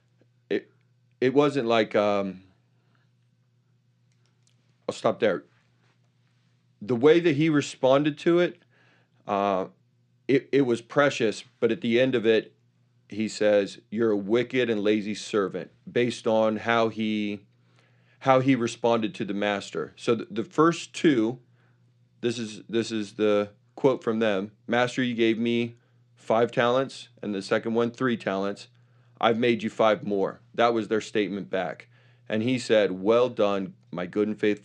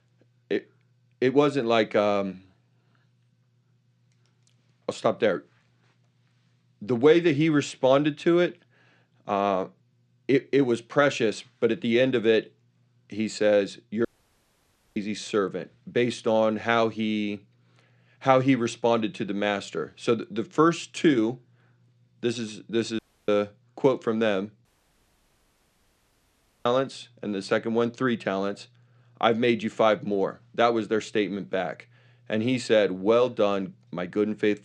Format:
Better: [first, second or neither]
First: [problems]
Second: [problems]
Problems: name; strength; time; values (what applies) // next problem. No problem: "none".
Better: first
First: none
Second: audio cutting out; at 14 s for 1 s, at 23 s and at 25 s for 2 s